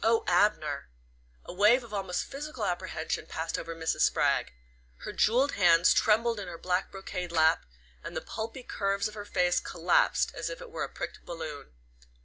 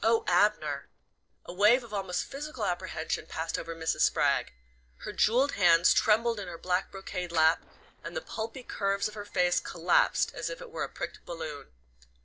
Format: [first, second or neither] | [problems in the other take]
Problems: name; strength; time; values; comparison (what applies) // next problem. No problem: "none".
first | noise reduction (neural separator model SepFormer DNS4)